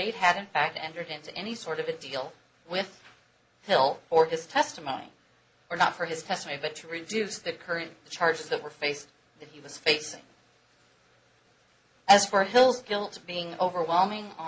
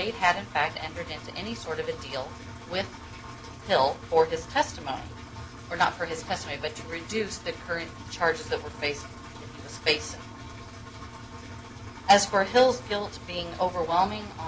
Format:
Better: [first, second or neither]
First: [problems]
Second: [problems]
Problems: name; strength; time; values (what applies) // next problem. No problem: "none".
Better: first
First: none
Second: background sound (Engine); 13 dB below the speech